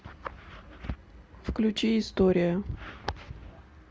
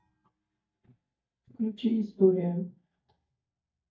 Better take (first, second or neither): first